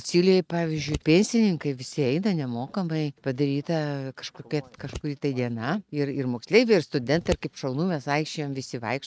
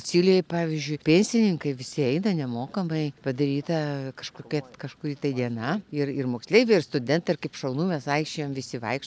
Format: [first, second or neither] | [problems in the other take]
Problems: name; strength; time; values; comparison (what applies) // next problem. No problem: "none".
second | noise reduction (neural mask model RNNoise)